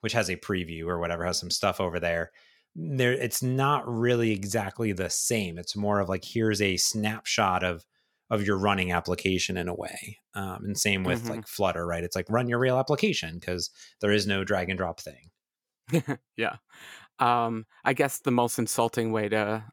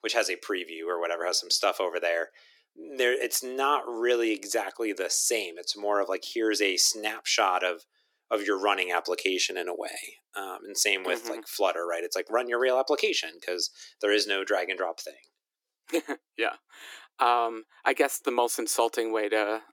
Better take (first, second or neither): first